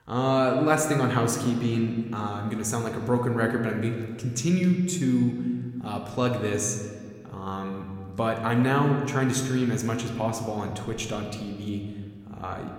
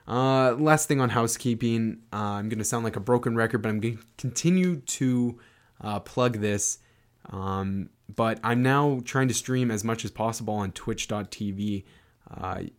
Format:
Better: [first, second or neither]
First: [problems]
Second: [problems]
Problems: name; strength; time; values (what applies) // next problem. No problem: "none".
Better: second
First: room echo; slight; dies away in 1.8 s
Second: none